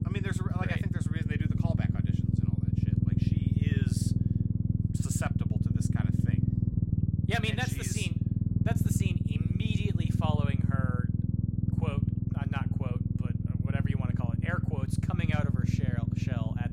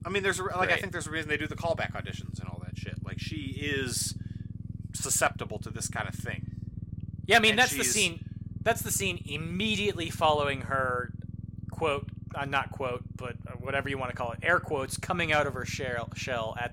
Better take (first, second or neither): second